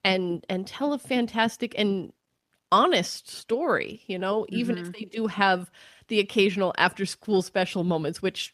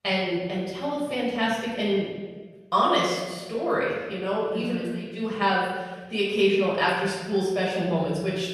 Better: first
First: none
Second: off-mic speech; far // room echo; noticeable; dies away in 1.2 s

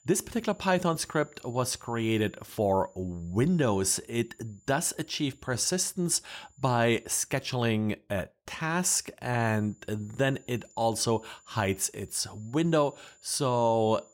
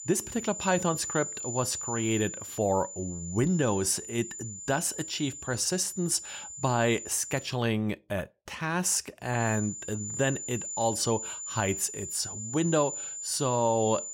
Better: first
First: high-pitched whine; faint; until 7.5 s and from 9.5 s on; 7 kHz, 30 dB below the speech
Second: high-pitched whine; loud; until 7.5 s and from 9.5 s on; 7 kHz, 7 dB below the speech

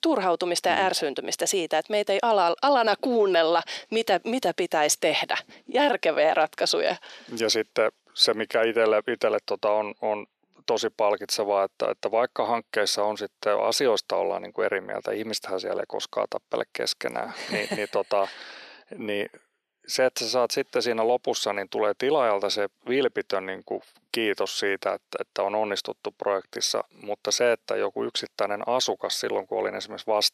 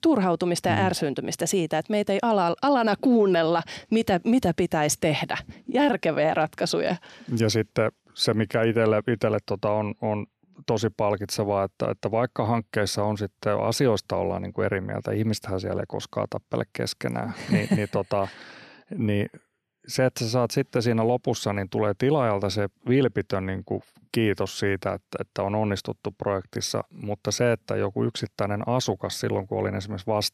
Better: second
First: thin; somewhat; fading below 500 Hz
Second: none

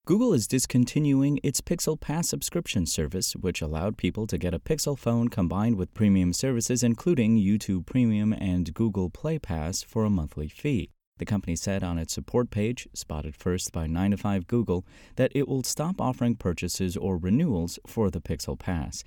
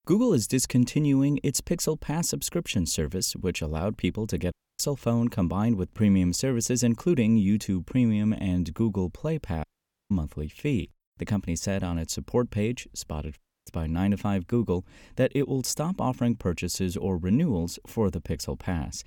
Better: first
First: none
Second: audio cutting out; at 4.5 s, at 9.5 s and at 13 s

